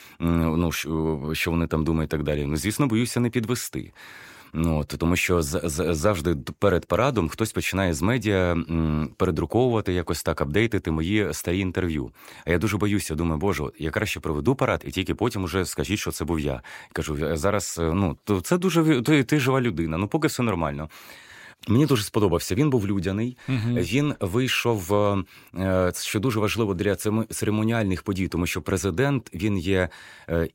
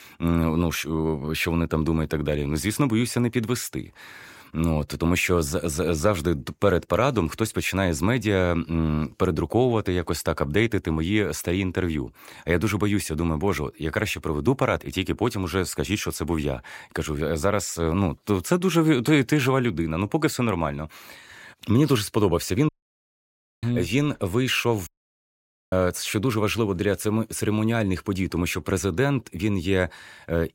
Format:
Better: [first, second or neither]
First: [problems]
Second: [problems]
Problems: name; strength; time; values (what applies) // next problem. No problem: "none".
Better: first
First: none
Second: audio cutting out; at 23 s for 1 s and at 25 s for 1 s